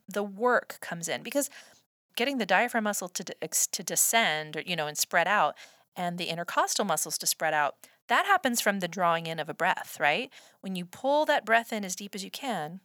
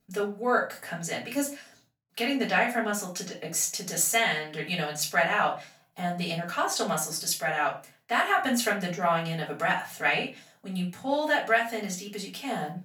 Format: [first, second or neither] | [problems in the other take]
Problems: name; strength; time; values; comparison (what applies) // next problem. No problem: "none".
first | off-mic speech; far // room echo; slight; dies away in 0.3 s